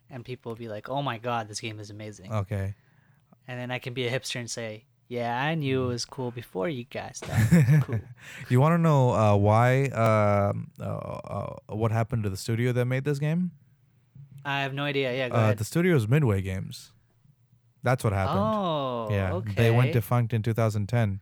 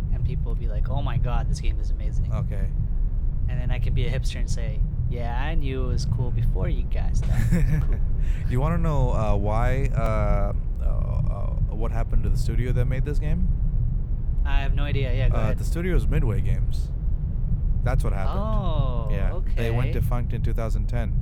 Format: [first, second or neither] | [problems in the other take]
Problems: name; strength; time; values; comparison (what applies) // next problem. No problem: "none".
first | low rumble; loud; throughout; 9 dB below the speech